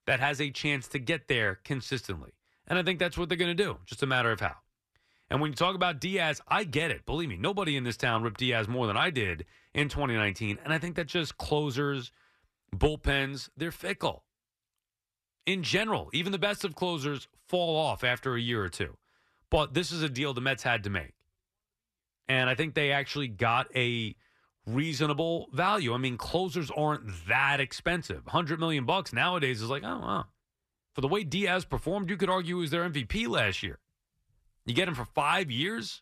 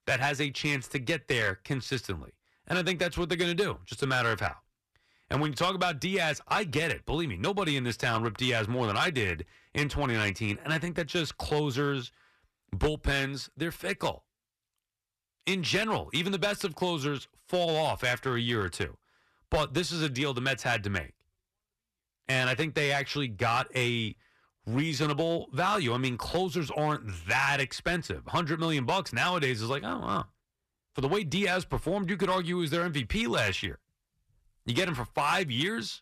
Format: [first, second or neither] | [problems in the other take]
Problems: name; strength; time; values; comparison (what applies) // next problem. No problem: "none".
first | distortion; slight; 3% of the sound clipped